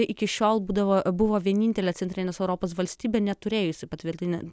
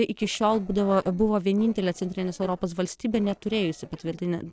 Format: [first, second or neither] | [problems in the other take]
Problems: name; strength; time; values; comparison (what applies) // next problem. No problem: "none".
first | noise reduction (neural separator model SepFormer DNS4)